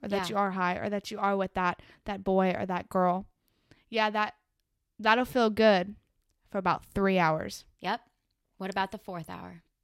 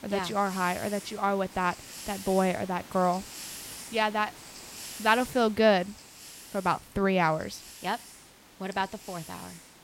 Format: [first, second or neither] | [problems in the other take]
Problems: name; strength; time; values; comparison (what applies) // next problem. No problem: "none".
first | hiss; noticeable; throughout; 15 dB below the speech